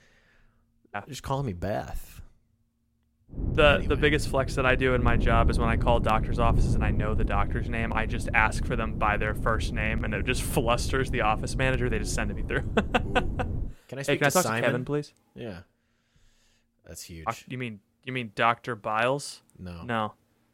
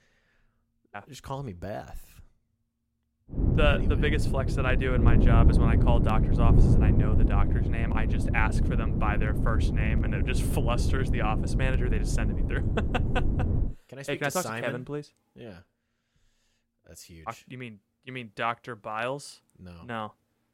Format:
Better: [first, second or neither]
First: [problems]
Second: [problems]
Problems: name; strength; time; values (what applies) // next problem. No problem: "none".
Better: first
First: wind noise on the microphone; occasional gusts; from 3.5 to 14 s; 15 dB below the speech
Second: wind noise on the microphone; heavy; from 3.5 to 14 s; 4 dB below the speech